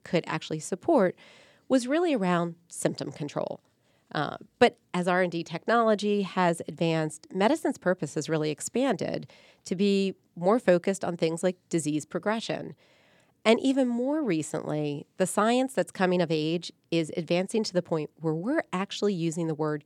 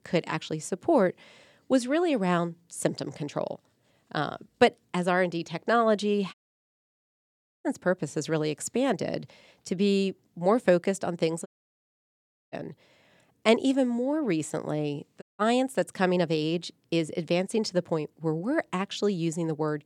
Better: first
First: none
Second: audio cutting out; at 6.5 s for 1.5 s, at 11 s for 1 s and at 15 s

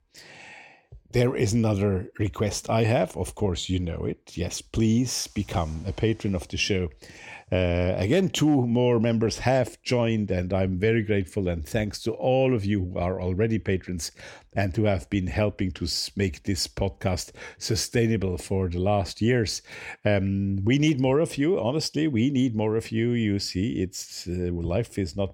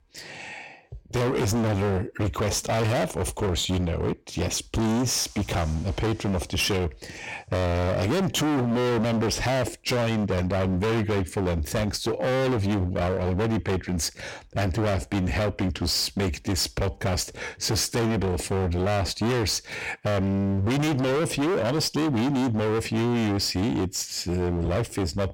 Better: first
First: none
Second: distortion; heavy; 36% of the sound clipped

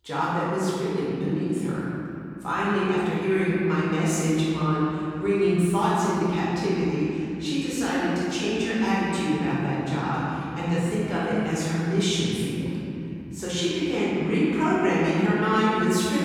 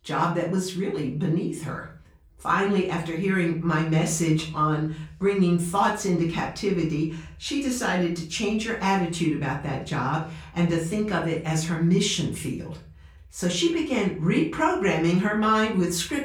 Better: second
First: room echo; strong; dies away in 3 s // off-mic speech; far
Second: room echo; slight; dies away in 0.4 s // off-mic speech; far

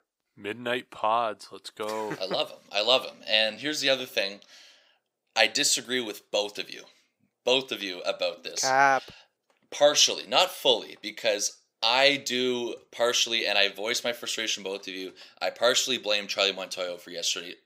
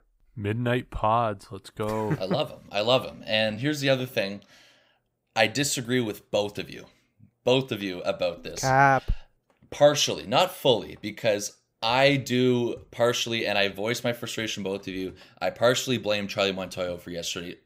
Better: second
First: thin; somewhat; fading below 350 Hz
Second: none

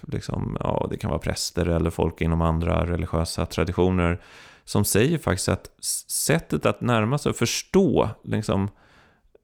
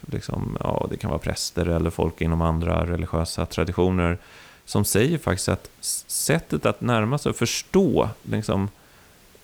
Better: first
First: none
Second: hiss; faint; throughout; 30 dB below the speech

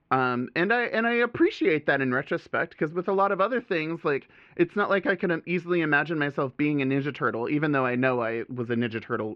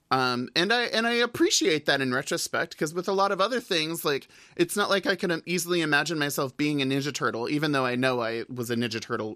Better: second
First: muffled; very; fading above 2.5 kHz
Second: none

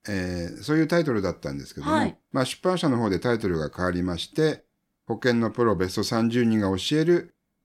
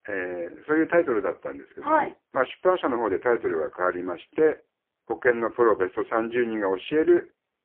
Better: first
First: none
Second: phone-call audio; poor line; nothing above 3.5 kHz

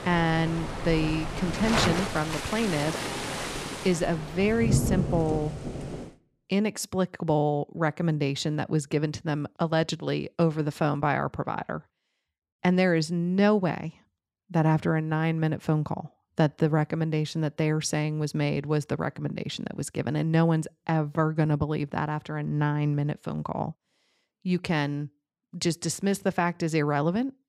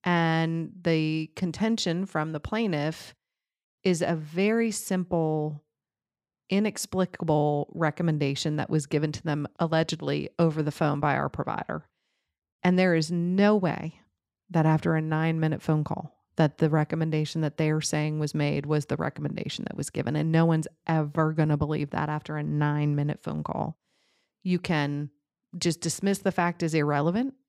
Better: second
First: rain or running water; loud; until 6 s; 4 dB below the speech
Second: none

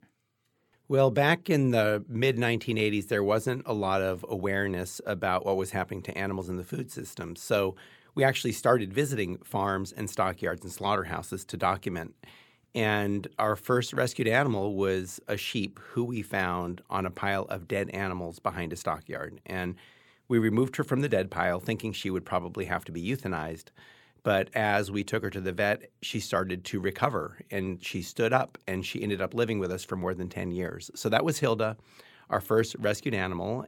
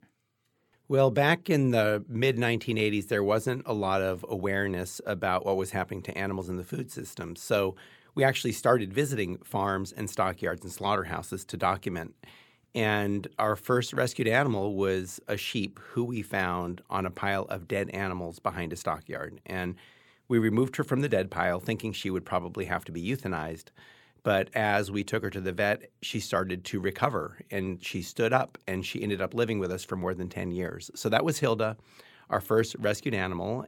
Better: neither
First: none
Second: none

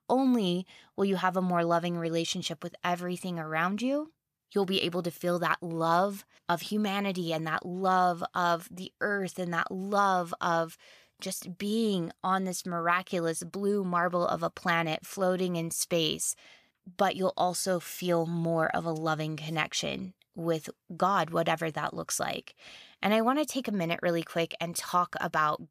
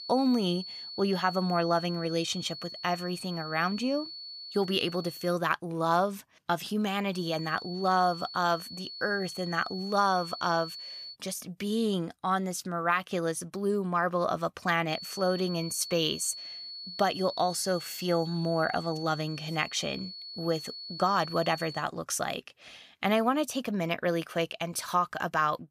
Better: first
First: none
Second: high-pitched whine; noticeable; until 5.5 s, from 7 to 11 s and from 15 to 22 s; 4.5 kHz, 10 dB below the speech

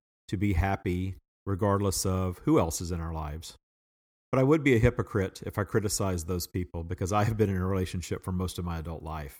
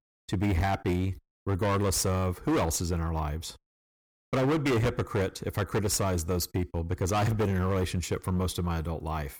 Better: first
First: none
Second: distortion; heavy; 17% of the sound clipped

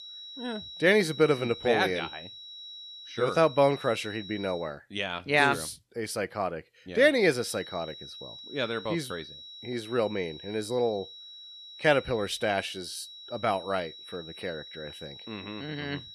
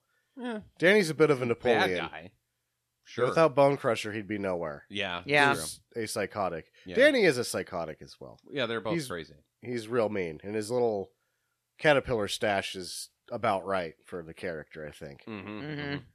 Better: second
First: high-pitched whine; noticeable; until 4.5 s and from 7.5 s on; 4 kHz, 15 dB below the speech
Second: none

